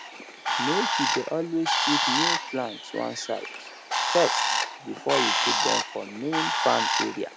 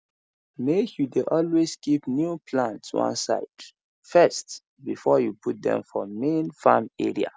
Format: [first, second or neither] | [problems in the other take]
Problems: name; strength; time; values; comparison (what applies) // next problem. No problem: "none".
second | background sound (Bird); 3 dB above the speech